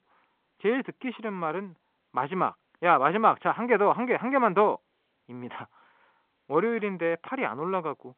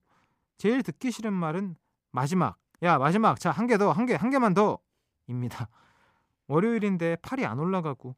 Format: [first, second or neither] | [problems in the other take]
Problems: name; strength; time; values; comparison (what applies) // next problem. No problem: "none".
second | phone-call audio